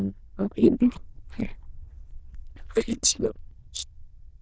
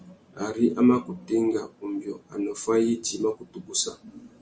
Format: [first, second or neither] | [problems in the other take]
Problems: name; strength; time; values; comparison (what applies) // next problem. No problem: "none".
second | noise reduction (neural diffusion model UNIVERSE++)